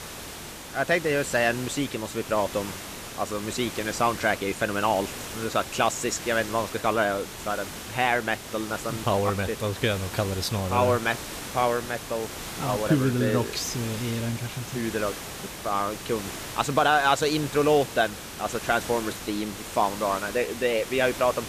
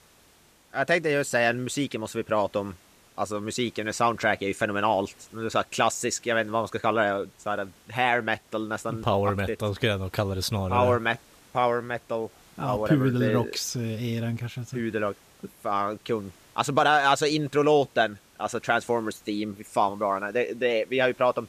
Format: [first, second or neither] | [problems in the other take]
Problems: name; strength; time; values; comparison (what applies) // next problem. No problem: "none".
second | hiss; loud; throughout; 9 dB below the speech; faint in the second